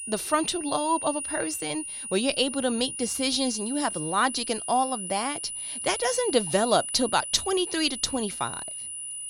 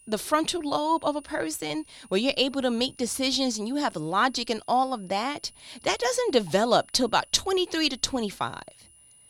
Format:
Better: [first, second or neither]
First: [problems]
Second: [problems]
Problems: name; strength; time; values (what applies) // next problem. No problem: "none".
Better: second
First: high-pitched whine; loud; throughout; 10 kHz, 6 dB below the speech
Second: high-pitched whine; faint; throughout; 10 kHz, 25 dB below the speech